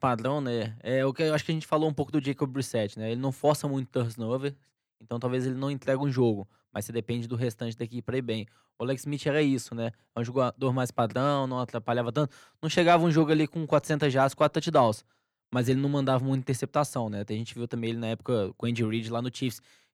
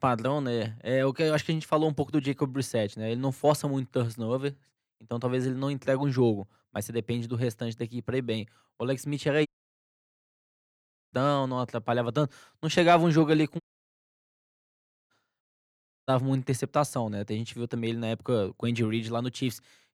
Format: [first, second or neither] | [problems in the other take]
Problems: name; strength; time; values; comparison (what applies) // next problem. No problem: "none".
first | audio cutting out; at 9.5 s for 1.5 s, at 14 s for 1.5 s and at 15 s for 0.5 s